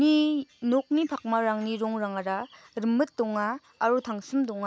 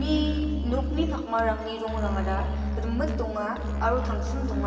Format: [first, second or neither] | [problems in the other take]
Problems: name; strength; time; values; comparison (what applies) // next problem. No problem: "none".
first | background sound (Musical instrument); as loud as the speech // room echo; dies away in 2.5 s